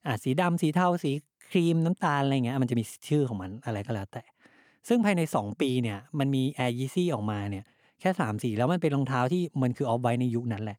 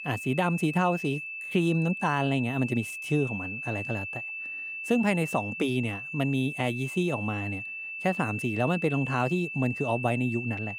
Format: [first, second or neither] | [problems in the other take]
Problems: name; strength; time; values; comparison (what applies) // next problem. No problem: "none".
first | high-pitched whine; loud; throughout; 2.5 kHz, 6 dB below the speech